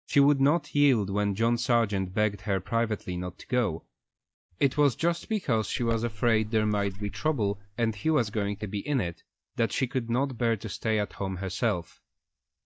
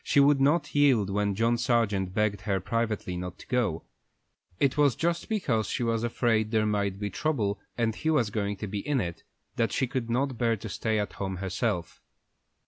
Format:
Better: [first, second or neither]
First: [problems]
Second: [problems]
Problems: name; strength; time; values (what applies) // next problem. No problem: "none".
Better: second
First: noise reduction (neural mask model DeepFilterNet 3)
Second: none